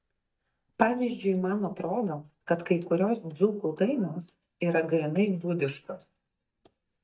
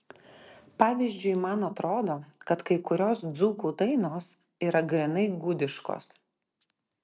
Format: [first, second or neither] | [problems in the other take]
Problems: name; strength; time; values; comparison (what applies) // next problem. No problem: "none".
second | noise reduction (neural mask model DeepFilterNet 3)